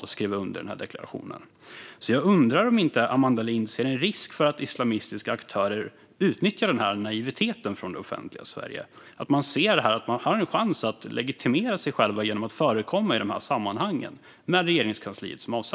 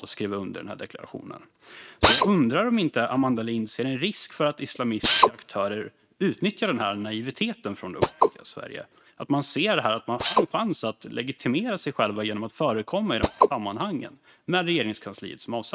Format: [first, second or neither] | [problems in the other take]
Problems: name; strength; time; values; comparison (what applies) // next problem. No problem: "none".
first | noise reduction (neural mask model RNNoise)